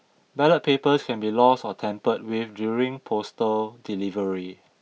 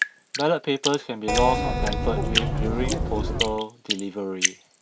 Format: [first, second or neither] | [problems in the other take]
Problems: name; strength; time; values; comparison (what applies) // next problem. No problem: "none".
first | background sound (Keyboard (musical) + Drip); 1 dB above the speech